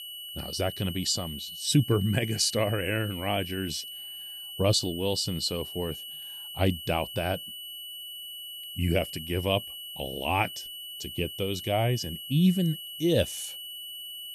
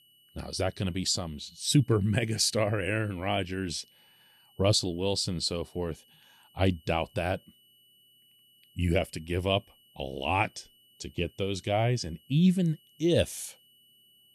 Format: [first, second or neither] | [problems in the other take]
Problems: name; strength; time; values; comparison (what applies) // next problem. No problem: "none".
second | high-pitched whine; loud; throughout; 3 kHz, 9 dB below the speech; faint in the second